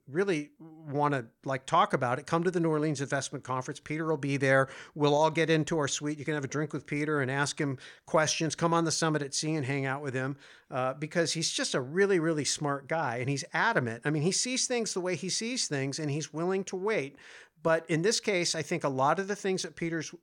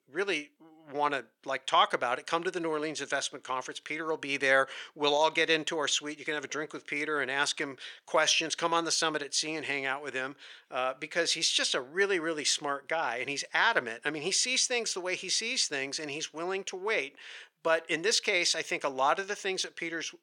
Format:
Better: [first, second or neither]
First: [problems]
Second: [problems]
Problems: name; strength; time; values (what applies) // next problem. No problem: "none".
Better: first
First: none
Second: thin; somewhat; fading below 400 Hz